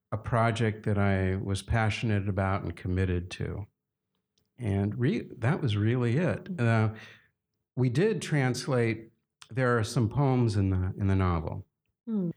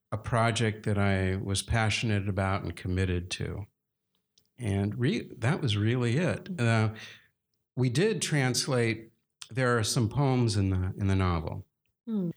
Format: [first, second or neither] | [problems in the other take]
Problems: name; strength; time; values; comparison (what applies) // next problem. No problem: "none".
second | muffled; slightly; fading above 2.5 kHz